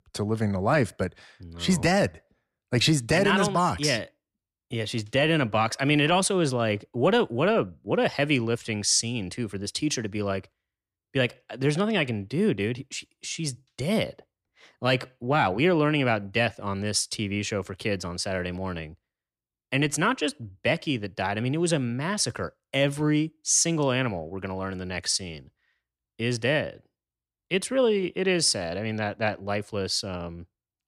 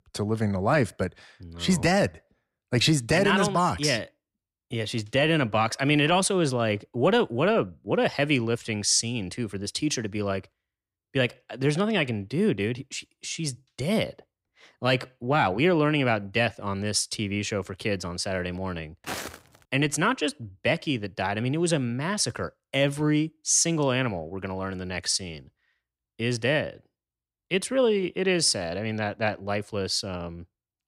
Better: first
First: none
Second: footsteps; noticeable; at 19 s; peak 9 dB below the speech

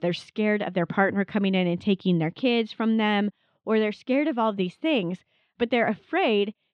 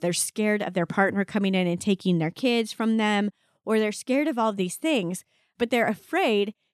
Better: second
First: muffled; slightly; fading above 3.5 kHz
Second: none

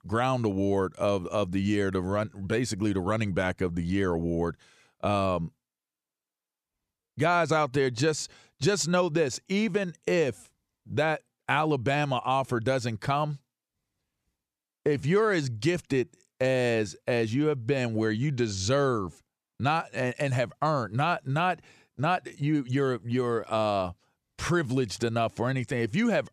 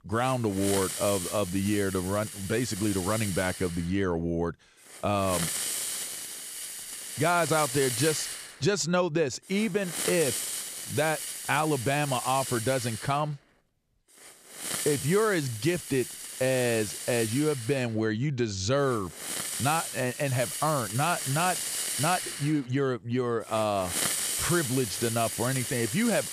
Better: first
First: none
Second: hiss; loud; throughout; 4 dB below the speech

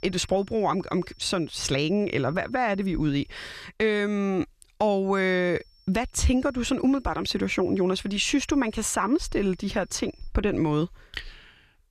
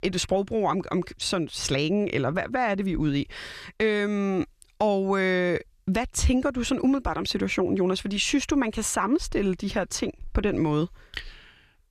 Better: second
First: high-pitched whine; faint; until 3.5 s and from 5.5 to 10 s; 5.5 kHz, 30 dB below the speech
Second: none

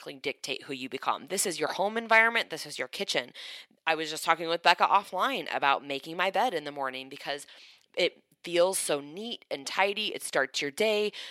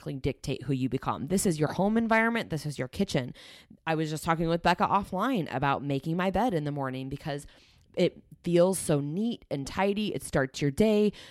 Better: second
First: thin; very; fading below 550 Hz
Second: none

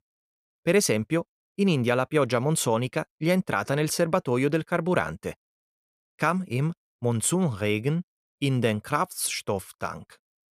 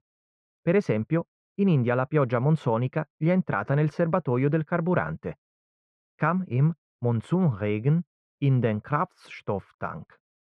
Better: first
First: none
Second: muffled; very; fading above 1.5 kHz

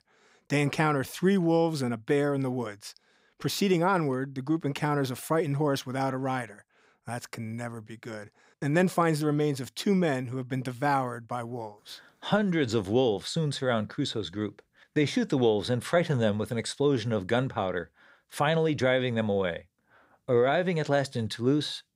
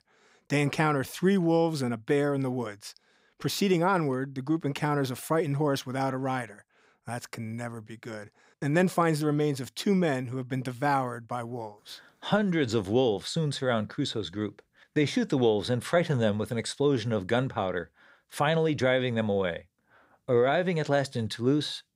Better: neither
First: none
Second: none

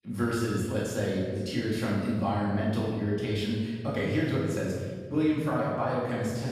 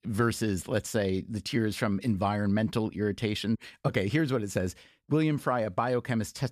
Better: second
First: room echo; strong; dies away in 1.4 s // off-mic speech; far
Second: none

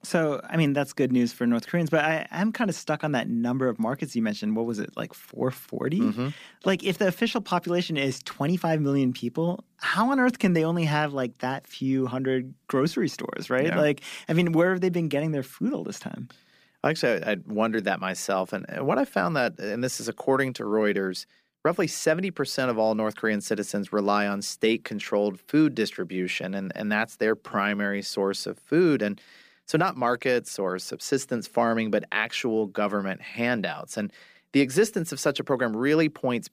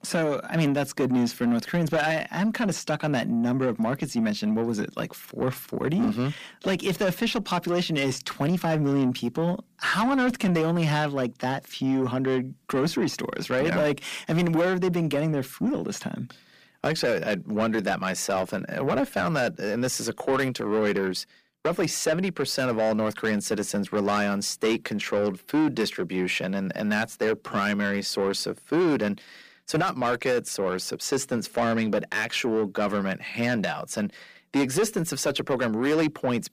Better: first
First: none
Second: distortion; slight; 10 dB below the speech

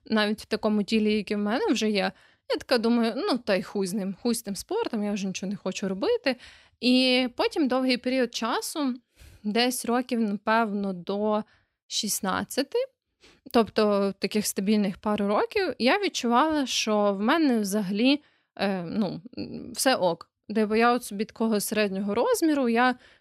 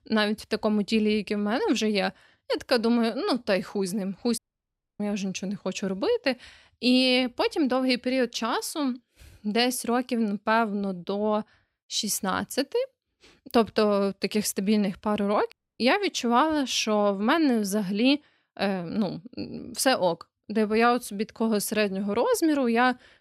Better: first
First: none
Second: audio cutting out; at 4.5 s for 0.5 s and at 16 s

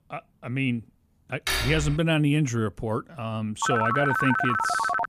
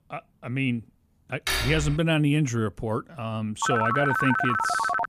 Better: neither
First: clattering dishes; loud; at 1.5 s; peak 1 dB above the speech // phone ringing; loud; from 3.5 s on; peak 3 dB above the speech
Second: clattering dishes; loud; at 1.5 s; peak 1 dB above the speech // phone ringing; loud; from 3.5 s on; peak 3 dB above the speech

